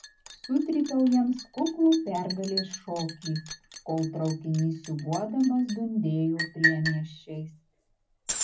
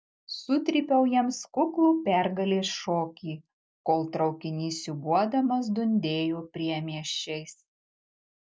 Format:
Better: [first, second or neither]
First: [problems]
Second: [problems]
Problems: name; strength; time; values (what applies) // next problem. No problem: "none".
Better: second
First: background sound (Liquid); 8 dB below the speech // room echo; dies away in 0.4 s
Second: none